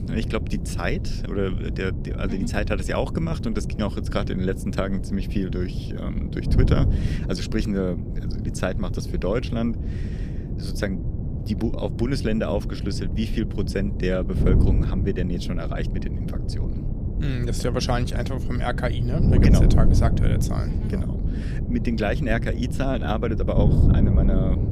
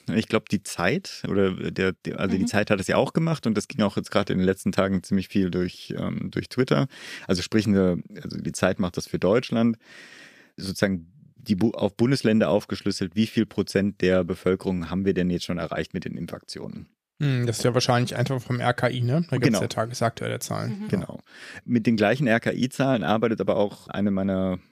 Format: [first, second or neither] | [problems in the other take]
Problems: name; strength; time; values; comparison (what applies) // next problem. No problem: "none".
second | wind noise on the microphone; heavy; 6 dB below the speech